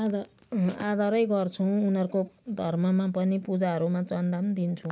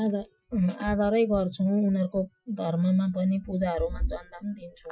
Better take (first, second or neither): first